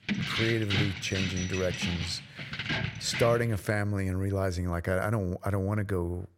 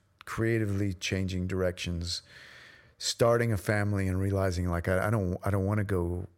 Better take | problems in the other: second | jangling keys; loud; until 3.5 s; peak 1 dB above the speech

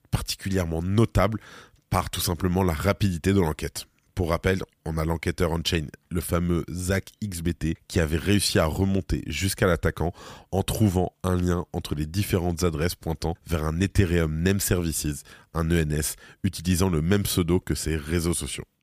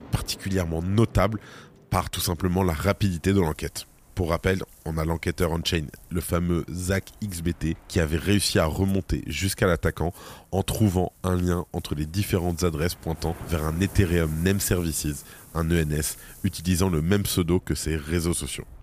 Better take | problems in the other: first | rain or running water; faint; throughout; 20 dB below the speech

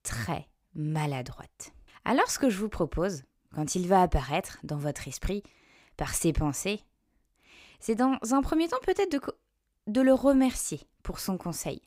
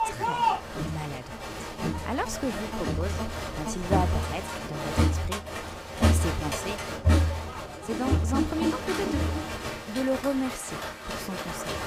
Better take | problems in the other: first | crowd noise; very loud; throughout; 4 dB above the speech

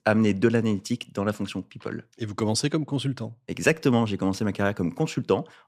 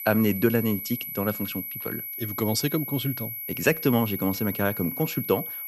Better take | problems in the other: first | high-pitched whine; loud; throughout; 11.5 kHz, 5 dB below the speech

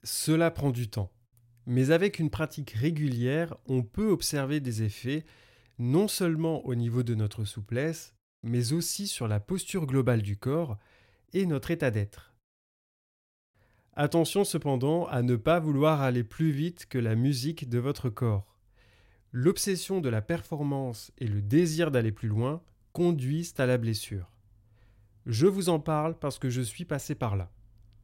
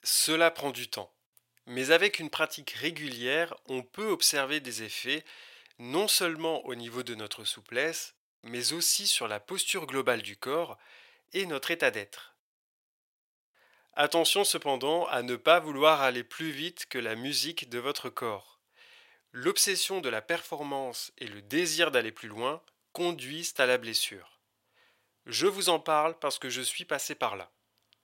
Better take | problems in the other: first | thin; very; fading below 650 Hz

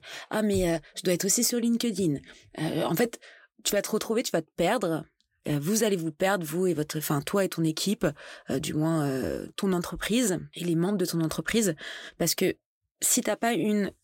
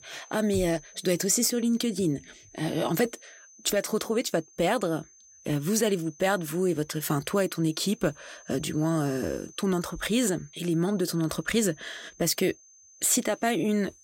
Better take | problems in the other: first | high-pitched whine; faint; throughout; 6 kHz, 25 dB below the speech

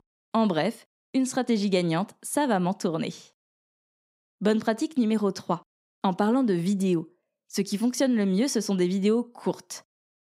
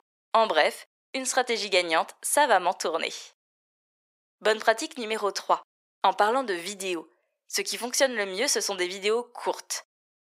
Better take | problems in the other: first | thin; very; fading below 550 Hz

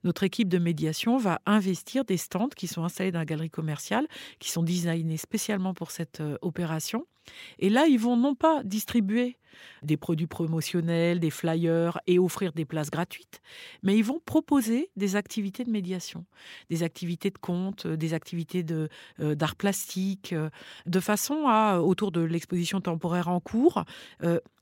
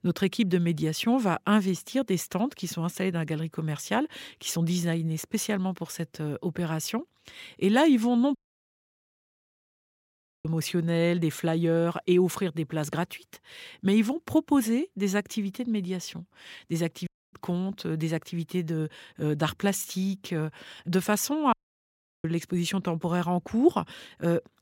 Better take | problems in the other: first | audio cutting out; at 8.5 s for 2 s, at 17 s and at 22 s for 0.5 s

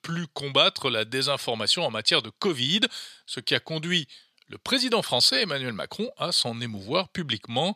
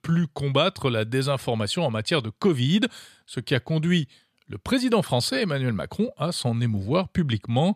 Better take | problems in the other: second | thin; very slightly; fading below 500 Hz

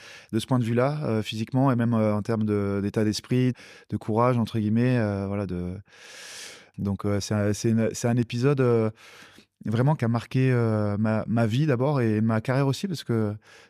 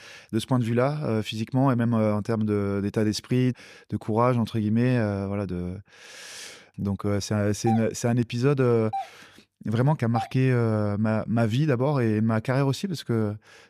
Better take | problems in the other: first | doorbell; noticeable; from 7.5 to 10 s; peak 9 dB below the speech

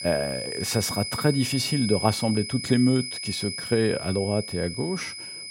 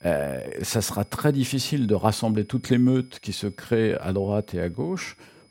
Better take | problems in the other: second | high-pitched whine; loud; throughout; 5 kHz, 6 dB below the speech; faint in the second

